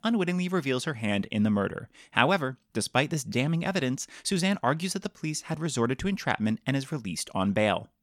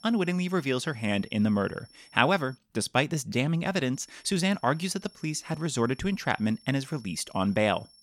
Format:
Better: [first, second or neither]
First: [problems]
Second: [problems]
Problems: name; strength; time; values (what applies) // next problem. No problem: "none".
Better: first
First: none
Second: high-pitched whine; faint; until 2.5 s and from 4 s on; 5.5 kHz, 25 dB below the speech